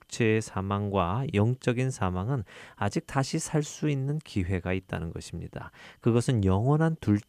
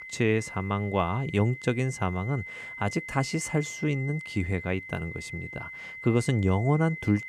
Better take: first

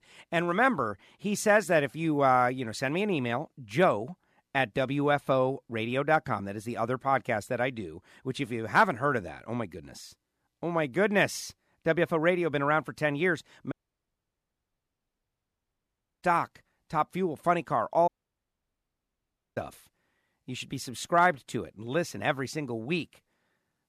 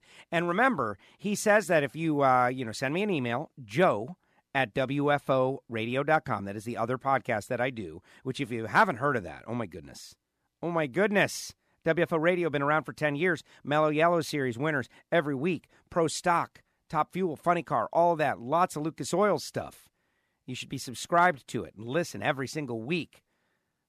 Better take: second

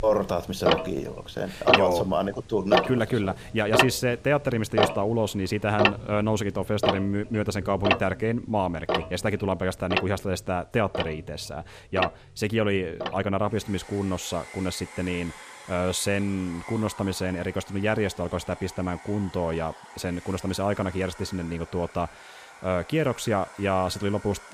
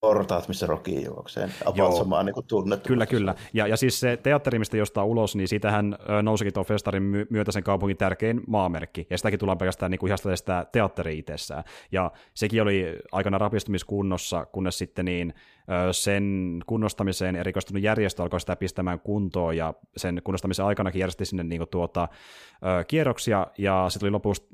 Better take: second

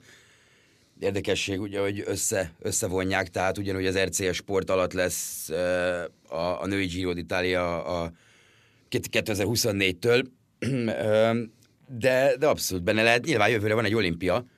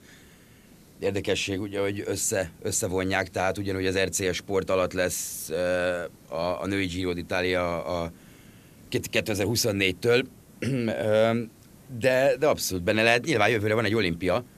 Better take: first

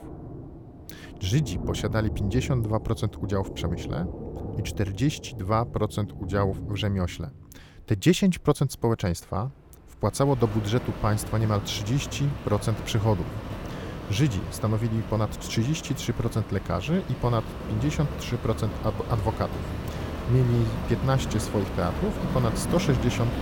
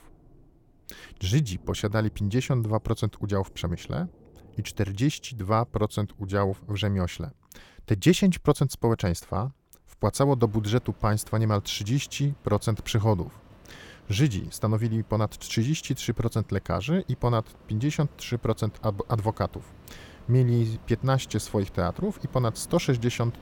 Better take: second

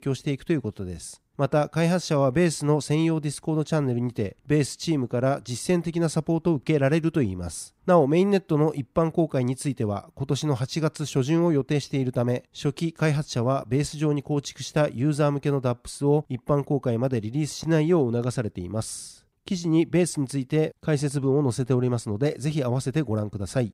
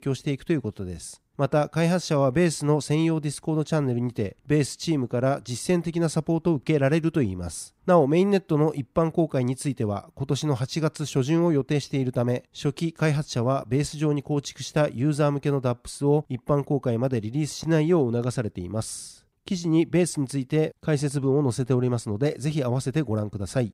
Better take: neither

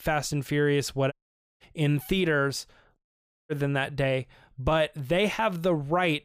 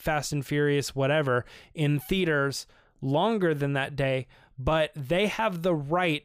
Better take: second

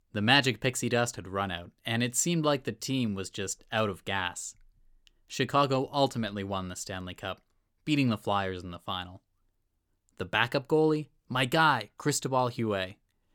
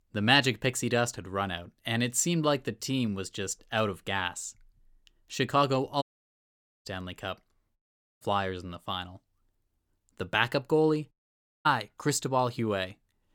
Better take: first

